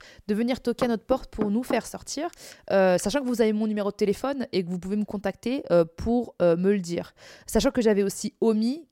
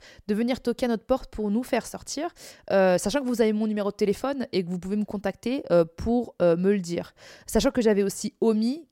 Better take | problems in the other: second | door banging; noticeable; from 1 to 3 s; peak 8 dB below the speech

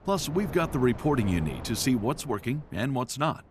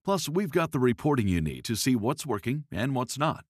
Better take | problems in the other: second | wind noise on the microphone; occasional gusts; 15 dB below the speech

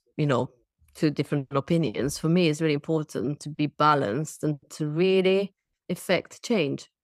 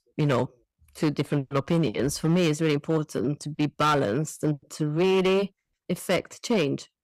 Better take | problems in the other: first | distortion; slight; 9% of the sound clipped

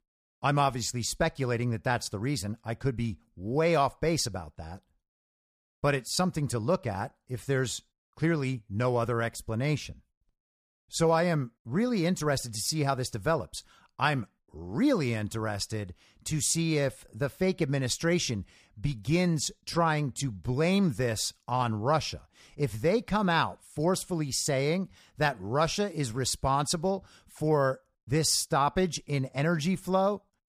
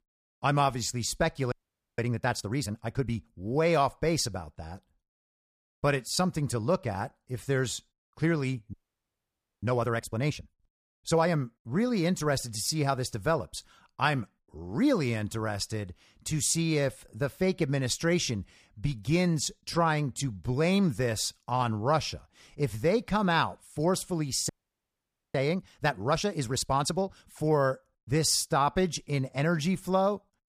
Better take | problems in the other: first | audio freezing; at 1.5 s, at 8.5 s for 1 s and at 24 s for 1 s

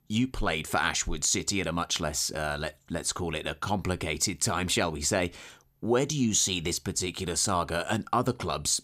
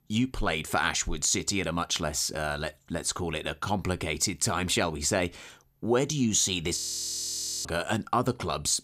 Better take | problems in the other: first | audio freezing; at 7 s for 1 s

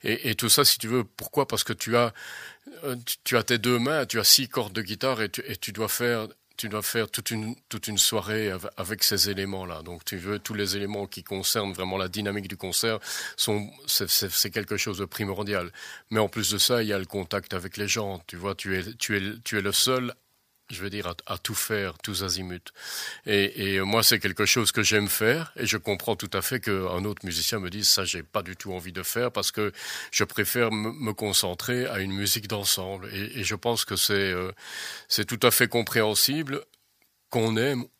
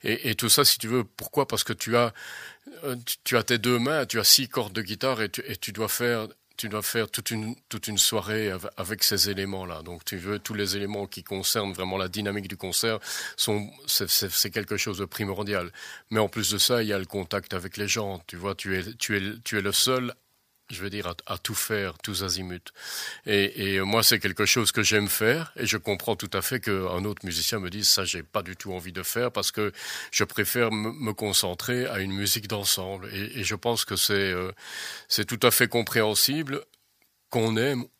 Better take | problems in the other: neither | thin; somewhat; fading below 650 Hz; the same in both

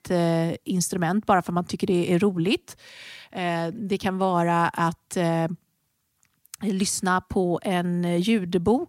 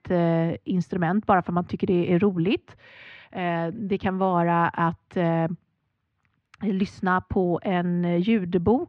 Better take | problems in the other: first | muffled; very; fading above 2.5 kHz

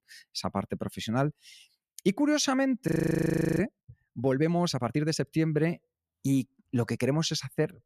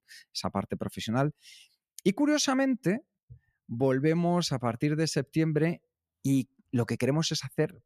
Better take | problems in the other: second | audio freezing; at 3 s for 0.5 s

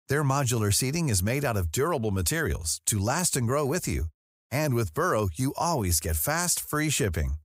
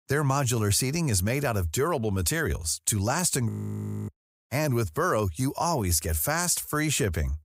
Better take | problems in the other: first | audio freezing; at 3.5 s for 0.5 s

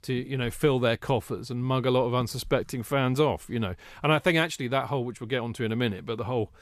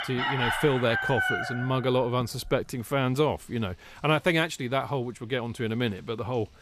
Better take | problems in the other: first | animal sounds; loud; throughout; 1 dB below the speech

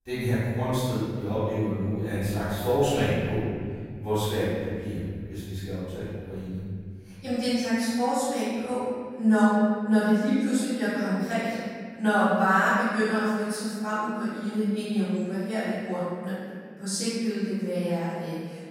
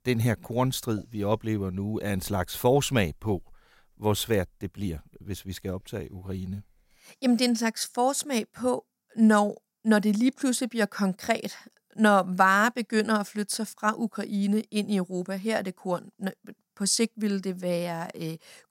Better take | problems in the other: second | off-mic speech; far // room echo; strong; dies away in 2.1 s

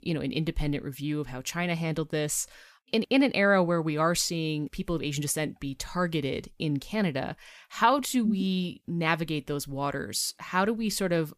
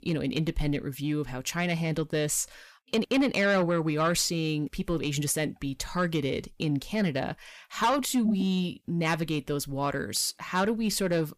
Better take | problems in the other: first | distortion; slight; 10 dB below the speech

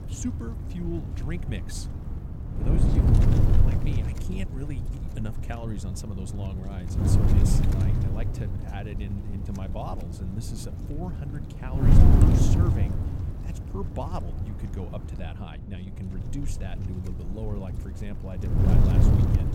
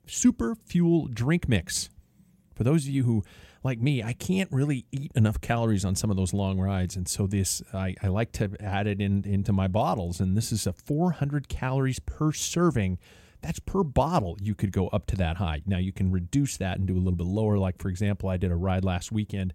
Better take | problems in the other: second | wind noise on the microphone; heavy; 3 dB above the speech

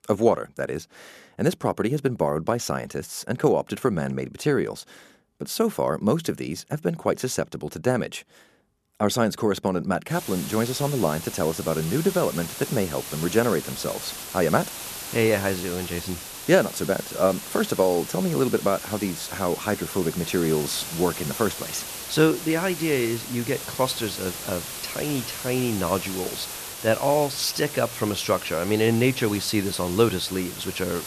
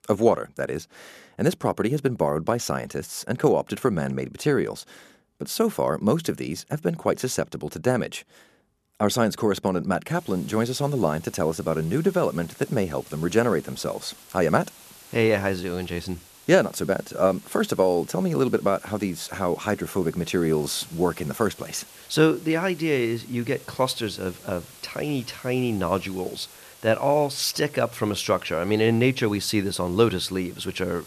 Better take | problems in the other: second | hiss; loud; from 10 s on; 8 dB below the speech; faint in the second

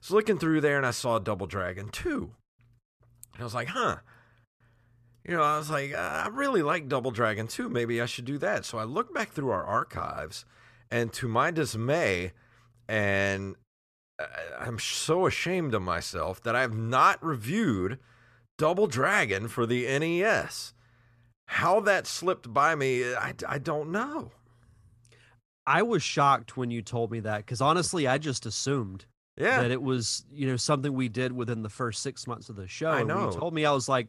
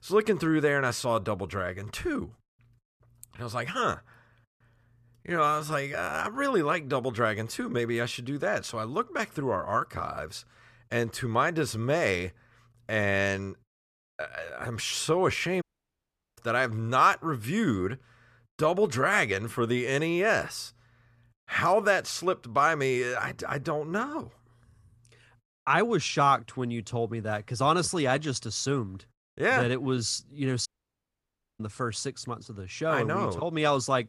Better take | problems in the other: first | audio cutting out; at 16 s for 1 s and at 31 s for 1 s

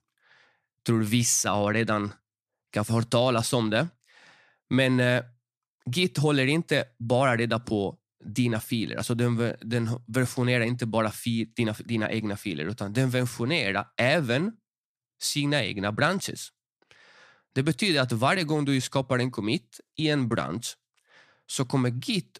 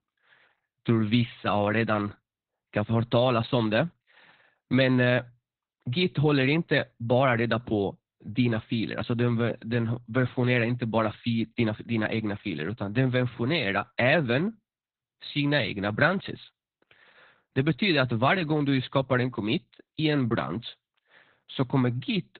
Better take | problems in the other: first | garbled, watery; badly; nothing above 4 kHz

